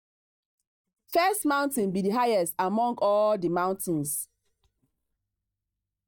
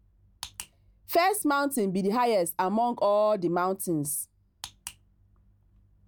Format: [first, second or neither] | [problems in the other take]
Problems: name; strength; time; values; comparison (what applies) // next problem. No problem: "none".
second | noise reduction (neural mask model DeepFilterNet 3)